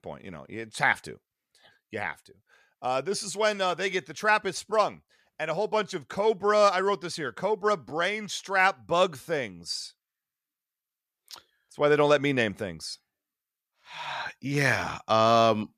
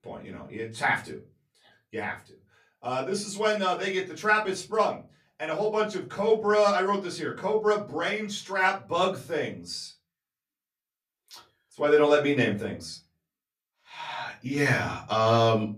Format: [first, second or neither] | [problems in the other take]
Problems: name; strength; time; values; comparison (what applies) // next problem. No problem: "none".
first | off-mic speech; far // room echo; very slight; dies away in 0.3 s